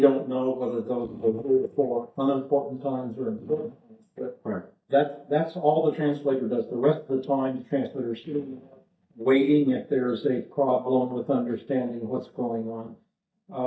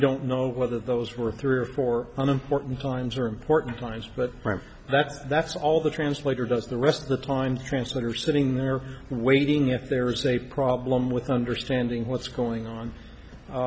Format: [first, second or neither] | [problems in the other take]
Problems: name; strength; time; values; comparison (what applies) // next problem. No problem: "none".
second | noise reduction (neural mask model DeepFilterNet 3)